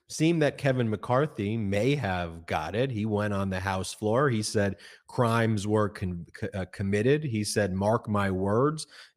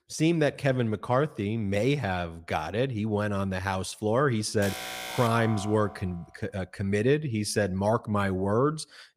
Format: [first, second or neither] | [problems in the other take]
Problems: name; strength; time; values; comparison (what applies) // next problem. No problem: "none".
first | alarm; noticeable; from 4.5 to 6 s; peak 7 dB below the speech